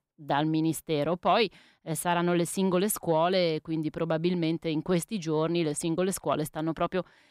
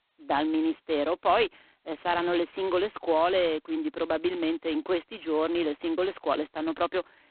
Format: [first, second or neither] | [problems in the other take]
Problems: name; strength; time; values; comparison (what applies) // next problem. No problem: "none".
first | phone-call audio; poor line; nothing above 4 kHz